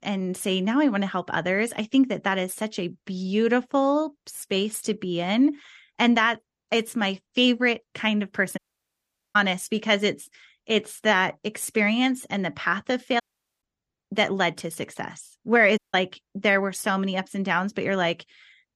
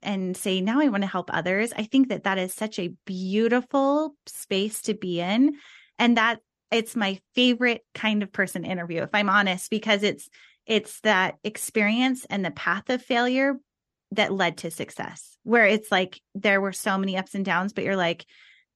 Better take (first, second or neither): second